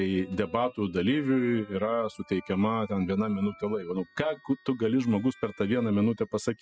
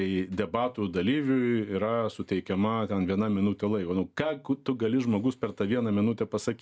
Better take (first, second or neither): second